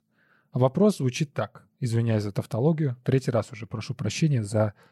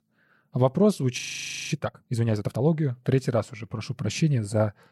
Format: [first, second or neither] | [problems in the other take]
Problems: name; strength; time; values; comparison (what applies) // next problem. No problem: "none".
first | audio freezing; at 1 s for 0.5 s